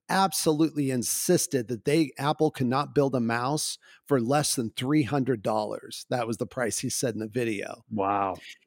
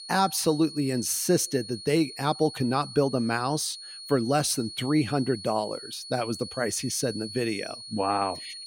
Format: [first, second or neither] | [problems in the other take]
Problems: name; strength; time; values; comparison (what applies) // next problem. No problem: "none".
first | high-pitched whine; noticeable; throughout; 4.5 kHz, 10 dB below the speech